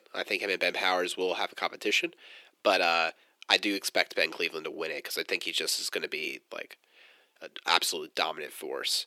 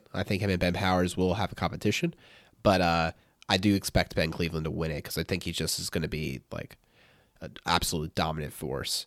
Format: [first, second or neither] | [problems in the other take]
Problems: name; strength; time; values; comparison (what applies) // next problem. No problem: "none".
second | thin; very; fading below 350 Hz